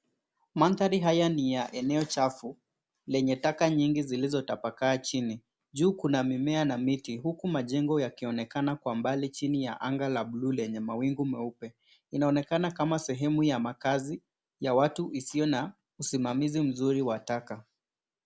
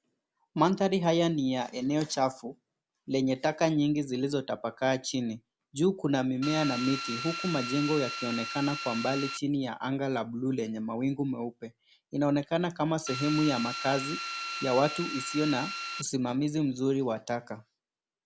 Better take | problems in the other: first | background sound (Drill); 6 dB below the speech

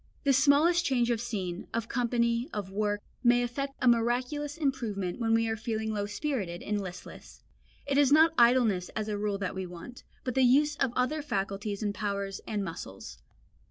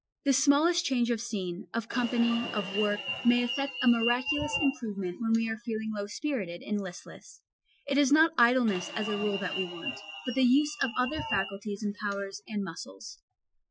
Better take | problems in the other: first | noise reduction (classical method Wiener filter)

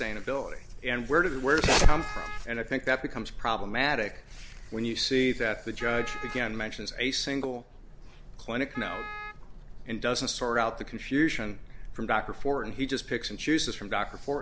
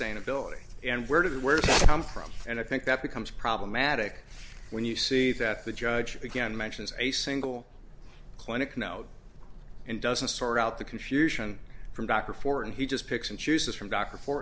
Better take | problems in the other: second | background sound (Wind instrument, woodwind instrument); 13 dB below the speech

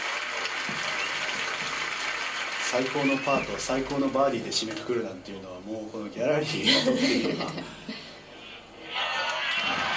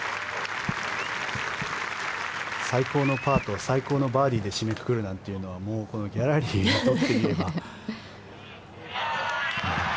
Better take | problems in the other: second | room echo; dies away in 0.3 s

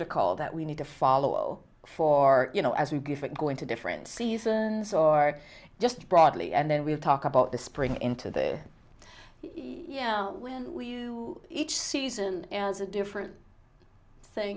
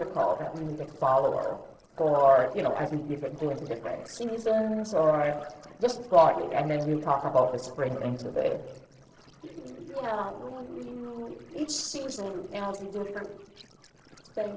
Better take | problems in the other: first | noise reduction (neural separator model SepFormer DNS4)

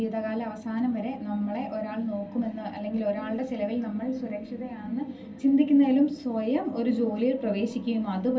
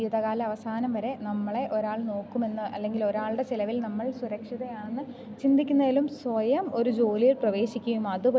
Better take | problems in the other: second | room echo; dies away in 0.2 s

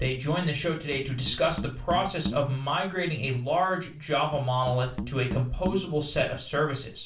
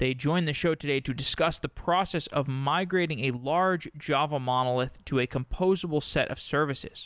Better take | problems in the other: second | background sound (Musical instrument); 11 dB below the speech // room echo; dies away in 0.3 s

